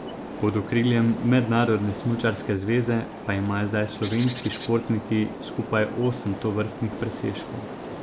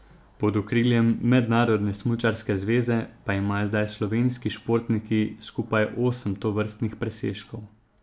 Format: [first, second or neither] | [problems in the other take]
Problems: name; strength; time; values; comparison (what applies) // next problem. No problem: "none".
second | background sound (Bird); 11 dB below the speech